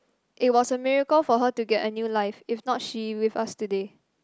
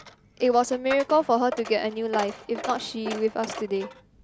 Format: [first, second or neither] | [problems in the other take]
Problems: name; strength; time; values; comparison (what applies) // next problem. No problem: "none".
first | background sound (Coin (dropping)); 13 dB below the speech